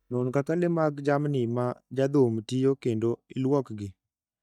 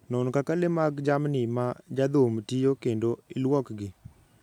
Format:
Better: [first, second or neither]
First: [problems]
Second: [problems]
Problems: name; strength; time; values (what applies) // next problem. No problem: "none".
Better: second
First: noise reduction (neural mask model DeepFilterNet 3)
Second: none